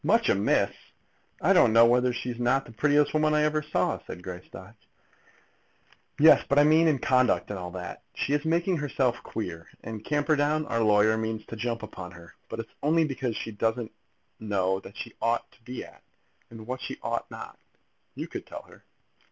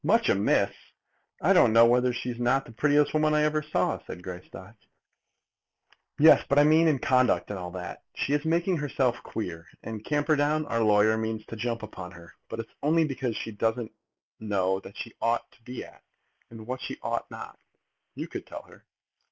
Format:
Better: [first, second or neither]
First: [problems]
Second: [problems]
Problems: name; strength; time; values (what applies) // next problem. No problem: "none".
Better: first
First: none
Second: noise reduction (neural mask model Resemble Enhance denoiser)